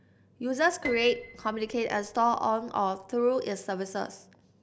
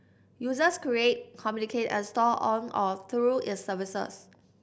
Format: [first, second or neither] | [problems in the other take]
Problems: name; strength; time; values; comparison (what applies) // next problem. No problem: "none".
second | background sound (Piano); 15 dB below the speech